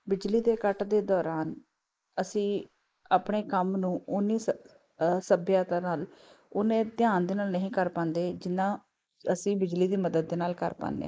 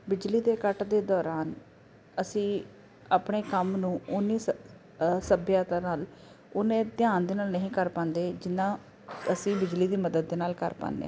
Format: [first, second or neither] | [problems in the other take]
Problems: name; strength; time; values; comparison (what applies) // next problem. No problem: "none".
second | noise reduction (neural mask model Resemble Enhance denoiser)